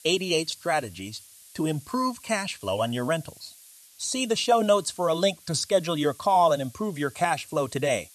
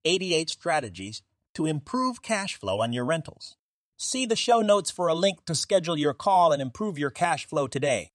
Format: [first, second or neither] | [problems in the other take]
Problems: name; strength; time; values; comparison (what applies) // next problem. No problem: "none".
second | hiss; faint; throughout; 20 dB below the speech